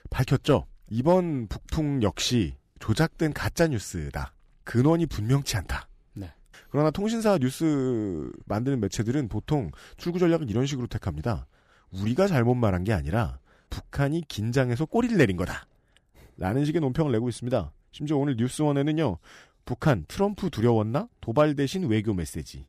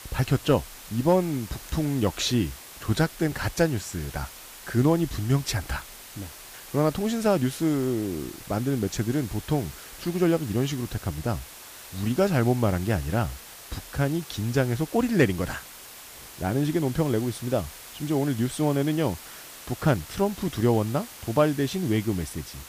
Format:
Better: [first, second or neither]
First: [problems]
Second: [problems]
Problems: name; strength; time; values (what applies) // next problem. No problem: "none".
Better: first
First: none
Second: hiss; noticeable; throughout; 15 dB below the speech